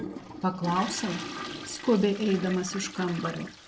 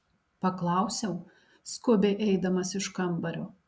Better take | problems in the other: second | background sound (Toilet flush); 10 dB below the speech

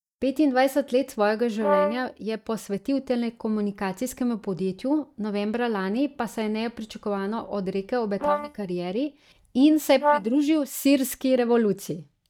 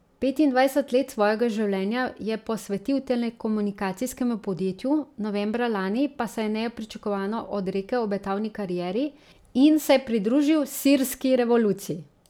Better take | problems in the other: second | noise reduction (neural mask model DeepFilterNet 3)

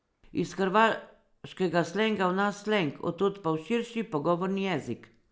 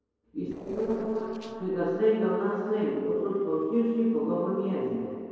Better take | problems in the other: first | noise reduction (neural separator model SepFormer DNS4)

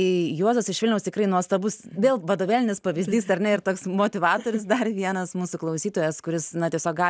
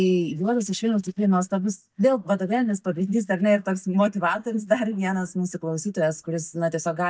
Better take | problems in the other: first | noise reduction (neural mask model DeepFilterNet 3)

